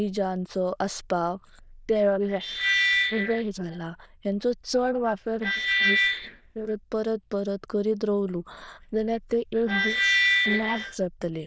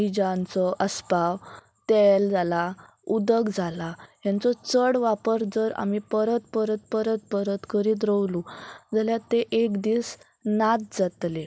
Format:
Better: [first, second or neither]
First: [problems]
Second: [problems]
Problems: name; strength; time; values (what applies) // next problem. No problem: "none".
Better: second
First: noise reduction (neural diffusion model UNIVERSE++)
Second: none